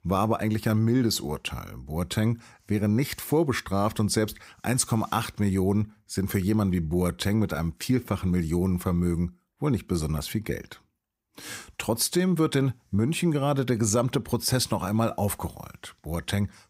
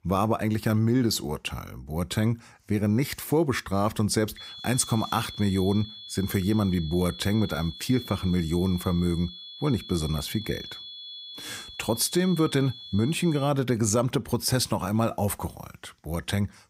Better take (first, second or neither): first